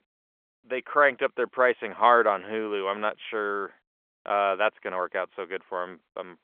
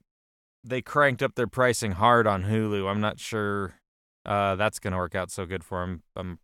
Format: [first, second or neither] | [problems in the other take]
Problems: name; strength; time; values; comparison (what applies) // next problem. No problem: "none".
second | phone-call audio; nothing above 3.5 kHz